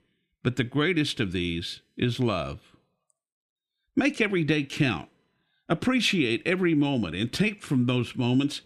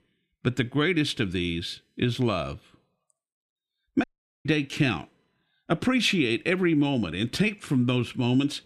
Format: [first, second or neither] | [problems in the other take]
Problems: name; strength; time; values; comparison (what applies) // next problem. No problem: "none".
first | audio cutting out; at 4 s